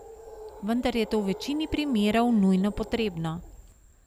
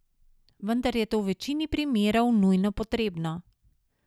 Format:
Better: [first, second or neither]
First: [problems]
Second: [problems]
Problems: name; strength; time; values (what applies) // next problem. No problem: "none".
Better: second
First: background sound (Animal); 17 dB below the speech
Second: none